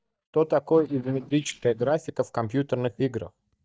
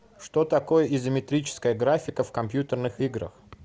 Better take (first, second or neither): second